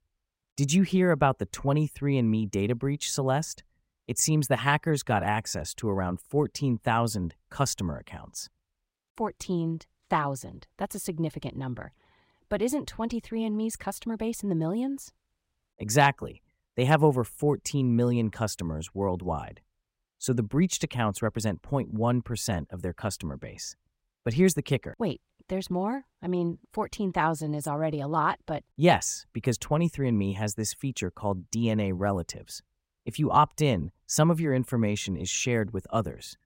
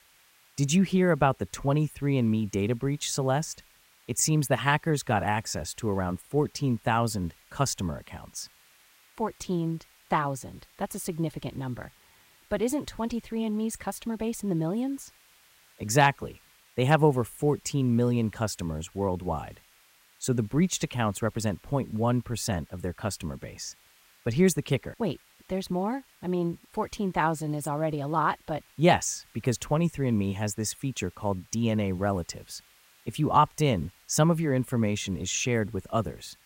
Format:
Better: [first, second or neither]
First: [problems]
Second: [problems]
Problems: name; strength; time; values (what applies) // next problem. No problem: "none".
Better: first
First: none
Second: hiss; faint; throughout; 30 dB below the speech